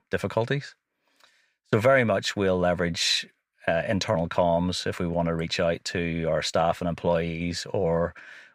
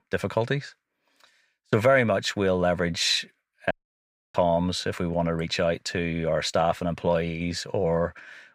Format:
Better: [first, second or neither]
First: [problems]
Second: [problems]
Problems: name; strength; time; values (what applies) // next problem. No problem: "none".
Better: first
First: none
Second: audio cutting out; at 3.5 s for 0.5 s